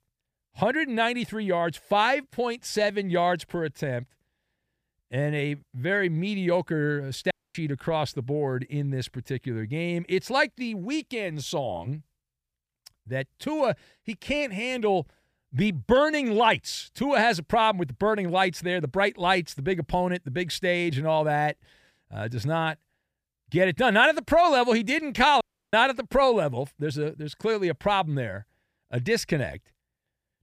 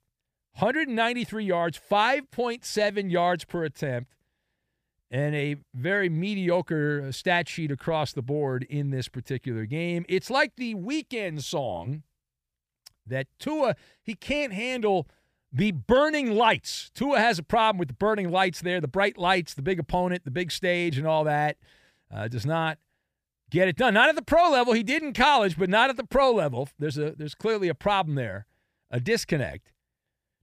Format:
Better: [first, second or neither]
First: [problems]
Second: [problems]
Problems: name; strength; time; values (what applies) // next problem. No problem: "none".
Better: second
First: audio cutting out; at 7.5 s and at 25 s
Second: none